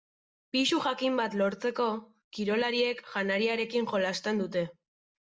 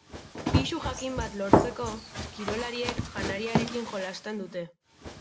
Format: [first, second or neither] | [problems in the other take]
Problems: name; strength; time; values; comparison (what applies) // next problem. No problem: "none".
first | background sound (Run); 5 dB above the speech